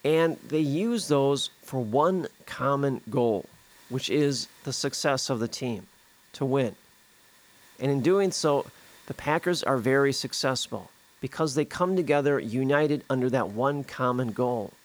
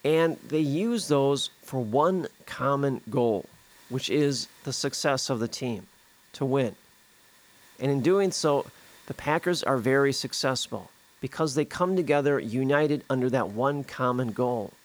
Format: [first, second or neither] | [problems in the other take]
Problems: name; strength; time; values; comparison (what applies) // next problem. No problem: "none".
neither | hiss; faint; throughout; 30 dB below the speech; the same in both